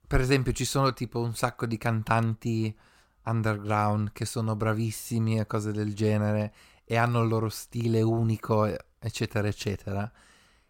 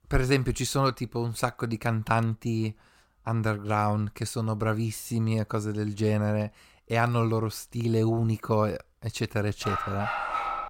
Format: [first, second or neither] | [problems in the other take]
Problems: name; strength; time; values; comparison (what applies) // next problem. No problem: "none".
first | dog barking; noticeable; from 9.5 s on; peak 1 dB below the speech